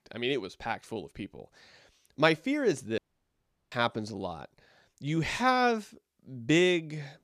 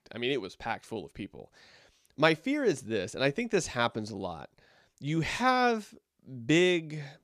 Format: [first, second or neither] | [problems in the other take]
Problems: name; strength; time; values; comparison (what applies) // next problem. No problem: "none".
second | audio cutting out; at 3 s for 0.5 s